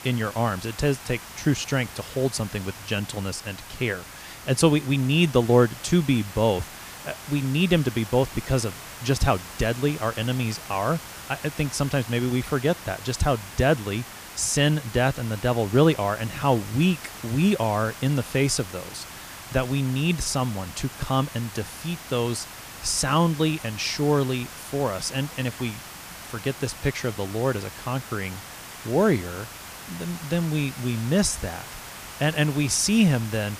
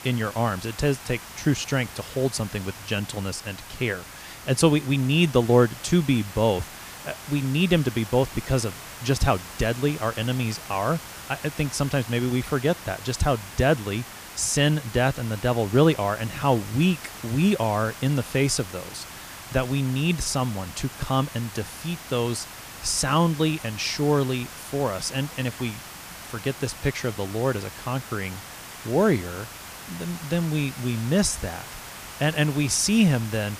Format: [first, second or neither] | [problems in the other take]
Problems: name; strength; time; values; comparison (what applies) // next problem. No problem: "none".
neither | hiss; noticeable; throughout; 15 dB below the speech; the same in both